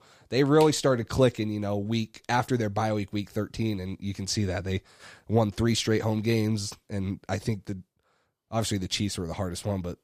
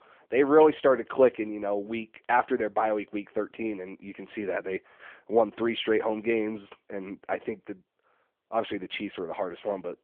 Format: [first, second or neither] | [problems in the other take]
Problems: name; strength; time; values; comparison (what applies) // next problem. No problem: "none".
first | phone-call audio; nothing above 3.5 kHz